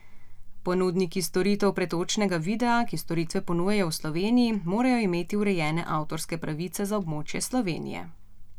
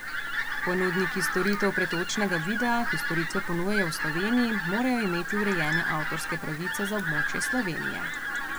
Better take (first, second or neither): first